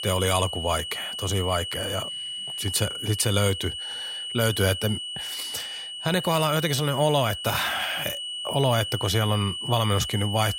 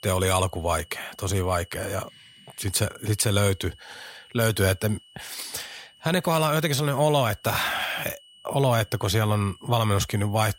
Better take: second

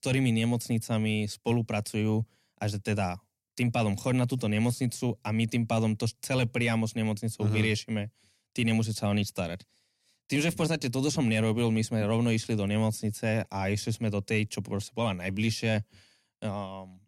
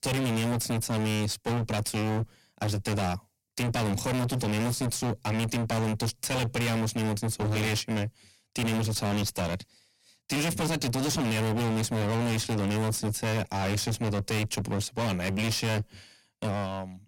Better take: first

